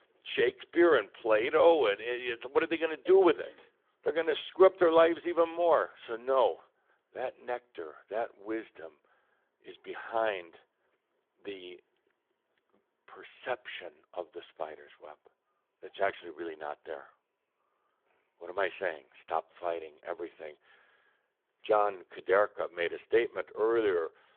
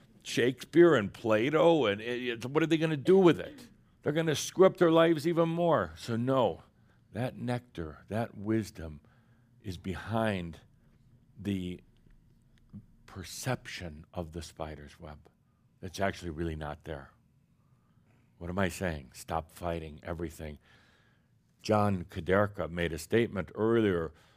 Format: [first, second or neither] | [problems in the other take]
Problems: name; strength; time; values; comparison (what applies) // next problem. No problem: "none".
second | phone-call audio; nothing above 3.5 kHz